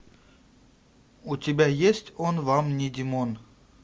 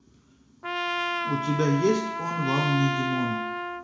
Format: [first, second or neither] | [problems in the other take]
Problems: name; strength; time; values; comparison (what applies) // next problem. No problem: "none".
first | background sound (Trumpet); 2 dB below the speech // room echo; dies away in 0.6 s